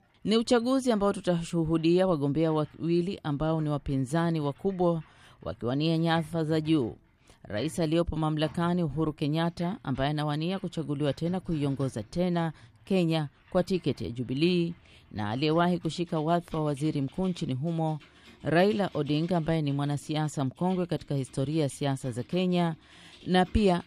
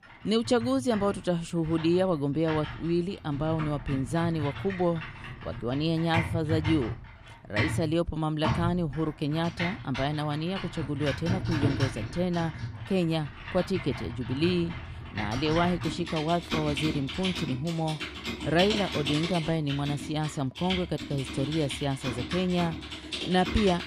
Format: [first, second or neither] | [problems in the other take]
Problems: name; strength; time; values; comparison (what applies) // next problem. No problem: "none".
first | household noises; loud; throughout; 6 dB below the speech; faint in the first